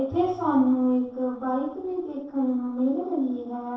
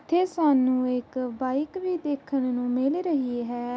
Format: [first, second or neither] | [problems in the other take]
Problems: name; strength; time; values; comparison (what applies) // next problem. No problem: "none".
second | noise reduction (neural separator model SepFormer DNS4)